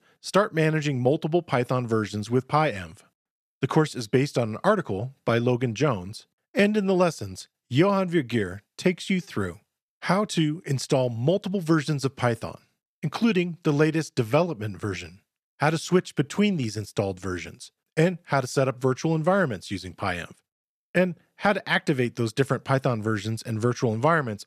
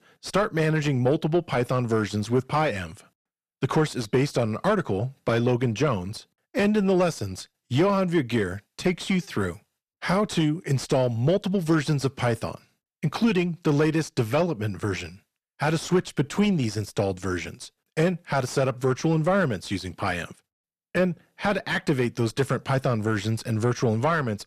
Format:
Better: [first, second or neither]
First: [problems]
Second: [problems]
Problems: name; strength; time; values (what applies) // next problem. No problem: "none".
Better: first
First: none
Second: distortion; slight; 10 dB below the speech